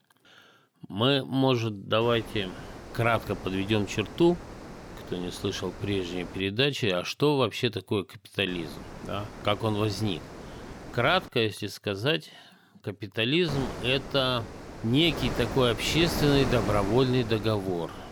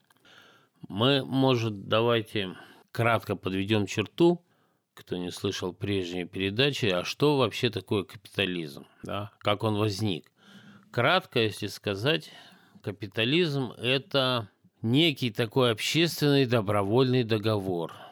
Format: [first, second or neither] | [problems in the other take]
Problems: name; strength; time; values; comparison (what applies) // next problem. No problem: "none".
second | wind noise on the microphone; occasional gusts; from 2 to 6.5 s, from 8.5 to 11 s and from 13 s on; 10 dB below the speech